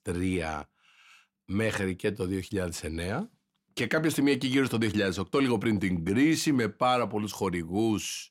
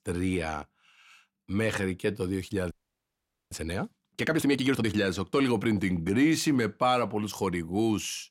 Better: first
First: none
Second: audio freezing; at 2.5 s for 1 s

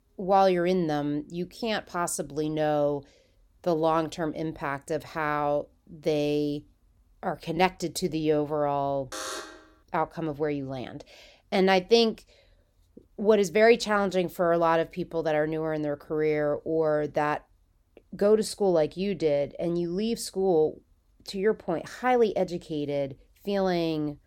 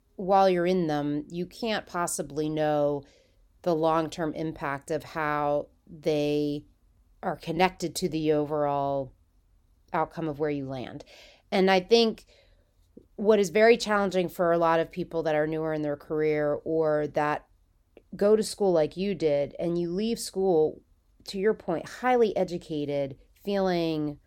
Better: second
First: alarm; noticeable; at 9 s; peak 8 dB below the speech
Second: none

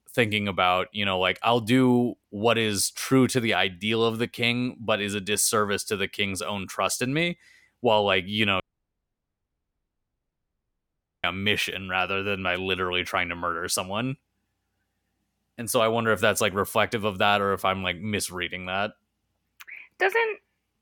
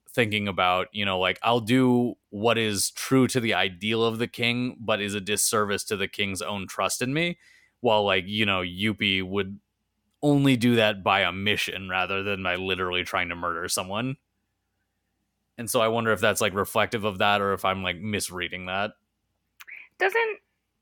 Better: second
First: audio cutting out; at 8.5 s for 2.5 s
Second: none

